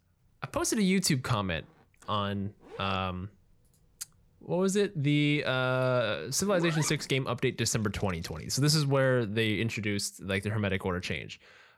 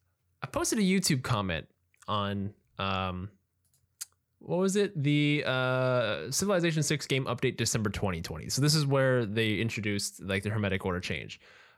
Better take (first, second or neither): second